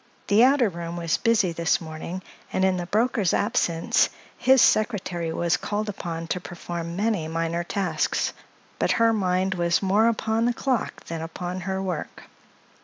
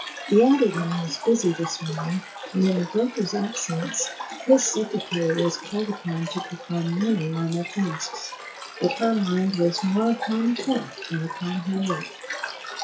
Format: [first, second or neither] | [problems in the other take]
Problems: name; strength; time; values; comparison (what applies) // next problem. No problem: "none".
first | noise reduction (classical method WPE with log-MMSE)